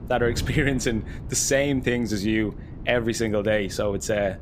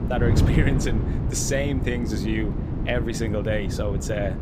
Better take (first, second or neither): first